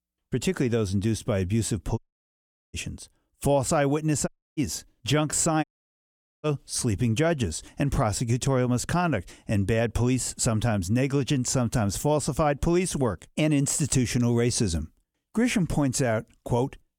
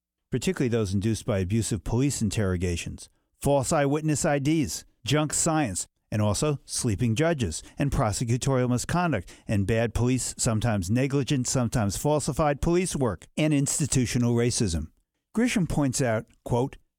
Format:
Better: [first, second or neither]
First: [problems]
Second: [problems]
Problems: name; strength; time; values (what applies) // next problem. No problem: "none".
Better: second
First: audio cutting out; at 2 s for 1 s, at 4.5 s and at 5.5 s for 1 s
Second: none